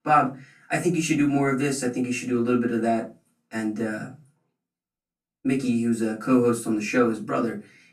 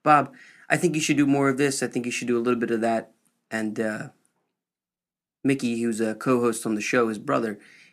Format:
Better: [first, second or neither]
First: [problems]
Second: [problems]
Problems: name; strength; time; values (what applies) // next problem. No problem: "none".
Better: second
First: off-mic speech; far // room echo; very slight; dies away in 0.3 s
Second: none